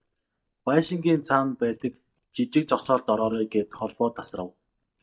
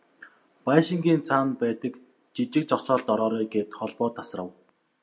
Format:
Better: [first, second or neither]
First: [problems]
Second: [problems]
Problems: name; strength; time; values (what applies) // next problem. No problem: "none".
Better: second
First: noise reduction (neural mask model DeepFilterNet 3)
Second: none